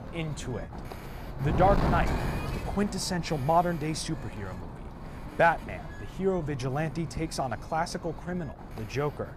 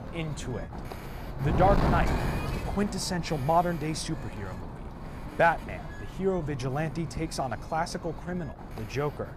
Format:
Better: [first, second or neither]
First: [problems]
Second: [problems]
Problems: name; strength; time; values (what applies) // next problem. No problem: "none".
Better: first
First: wind noise on the microphone; occasional gusts; 10 dB below the speech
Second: wind noise on the microphone; heavy; 9 dB below the speech